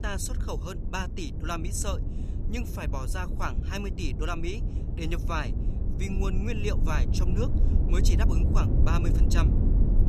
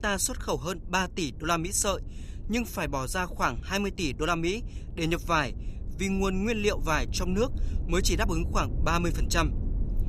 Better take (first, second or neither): second